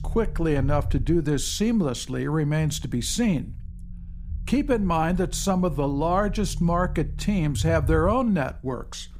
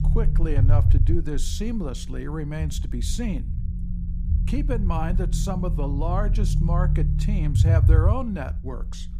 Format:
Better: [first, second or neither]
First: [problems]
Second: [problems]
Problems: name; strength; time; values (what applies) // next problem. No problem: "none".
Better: first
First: low rumble; faint; throughout; 25 dB below the speech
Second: low rumble; loud; throughout; 6 dB below the speech